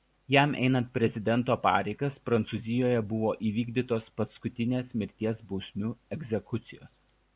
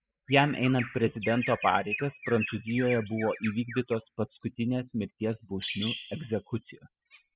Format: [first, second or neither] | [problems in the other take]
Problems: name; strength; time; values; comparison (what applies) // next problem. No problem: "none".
first | noise reduction (classical method spectral subtraction)